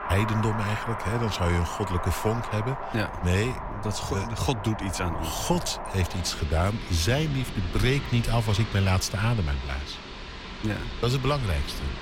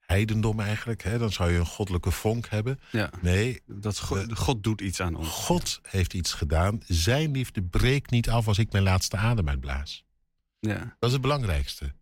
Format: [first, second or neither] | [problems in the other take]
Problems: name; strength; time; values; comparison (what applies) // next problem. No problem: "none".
second | wind in the background; loud; throughout; 8 dB below the speech